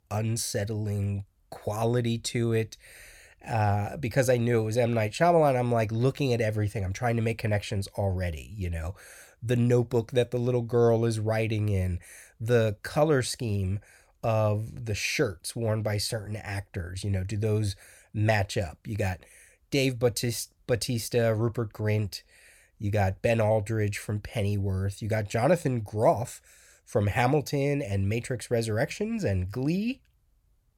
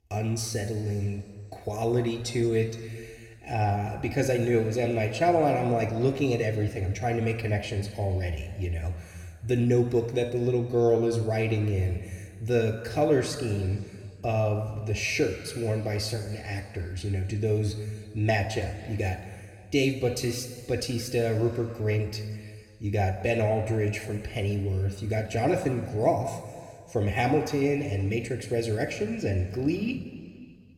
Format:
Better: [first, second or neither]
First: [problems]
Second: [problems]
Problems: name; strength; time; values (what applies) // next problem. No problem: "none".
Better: first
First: none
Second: room echo; noticeable; dies away in 1.8 s // off-mic speech; somewhat distant